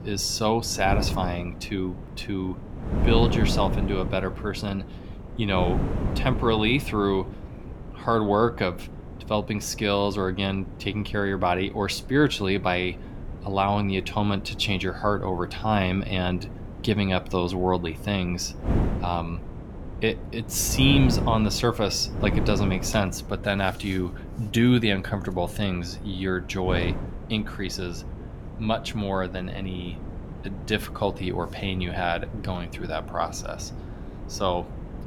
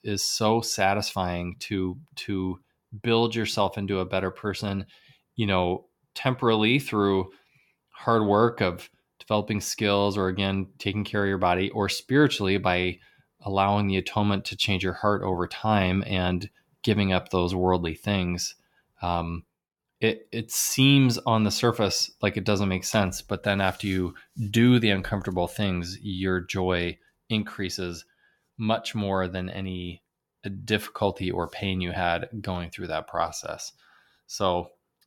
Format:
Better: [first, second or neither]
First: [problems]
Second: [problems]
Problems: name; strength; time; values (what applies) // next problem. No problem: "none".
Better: second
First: wind noise on the microphone; occasional gusts; 15 dB below the speech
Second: none